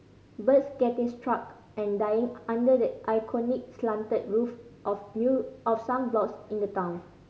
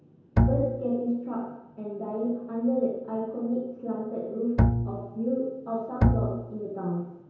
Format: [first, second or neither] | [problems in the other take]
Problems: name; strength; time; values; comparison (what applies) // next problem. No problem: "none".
first | background sound (Bowed string instrument); 3 dB above the speech // room echo; dies away in 0.9 s